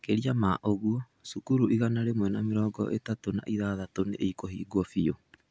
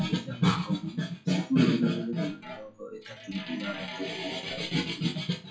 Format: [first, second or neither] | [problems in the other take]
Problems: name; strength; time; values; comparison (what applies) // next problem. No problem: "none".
first | noise reduction (classical method WPE with log-MMSE)